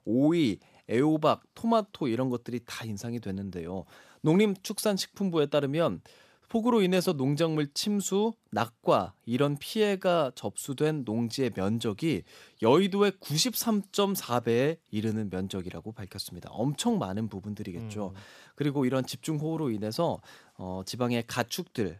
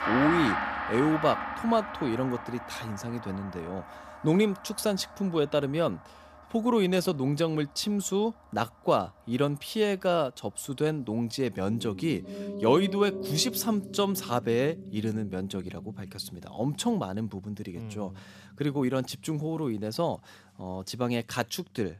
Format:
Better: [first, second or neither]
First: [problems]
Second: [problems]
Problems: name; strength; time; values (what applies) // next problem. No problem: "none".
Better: first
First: none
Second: background music; loud; throughout; 8 dB below the speech